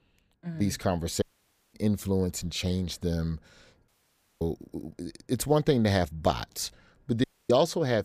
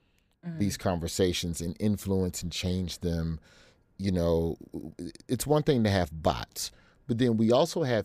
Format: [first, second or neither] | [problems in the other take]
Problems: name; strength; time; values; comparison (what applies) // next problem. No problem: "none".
second | audio cutting out; at 1 s for 0.5 s, at 4 s for 0.5 s and at 7 s